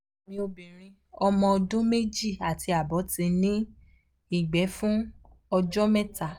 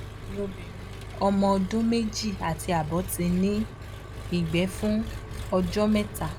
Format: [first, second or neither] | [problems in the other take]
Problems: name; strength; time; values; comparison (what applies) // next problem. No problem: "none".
first | background sound (Engine); 10 dB below the speech